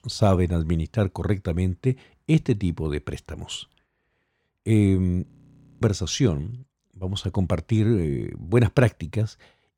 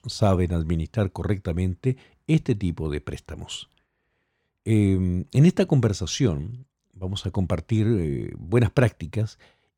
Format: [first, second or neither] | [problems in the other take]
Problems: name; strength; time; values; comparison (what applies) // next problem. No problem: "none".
second | audio freezing; at 5.5 s for 0.5 s